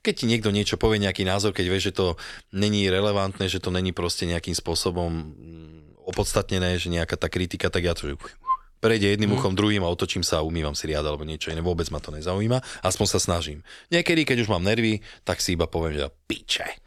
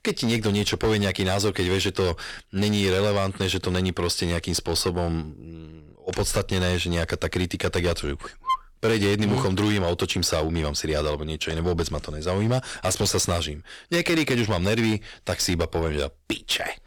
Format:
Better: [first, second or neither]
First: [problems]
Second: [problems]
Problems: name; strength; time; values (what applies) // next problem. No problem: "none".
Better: first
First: none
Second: distortion; slight; 10% of the sound clipped